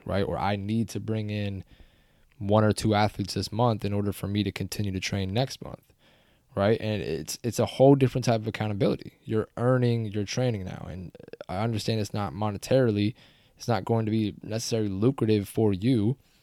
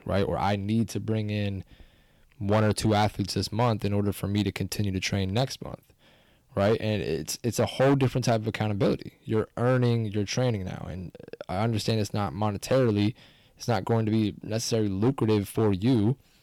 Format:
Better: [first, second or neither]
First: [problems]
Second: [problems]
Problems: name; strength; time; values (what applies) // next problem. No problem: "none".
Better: first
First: none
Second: distortion; slight; 4% of the sound clipped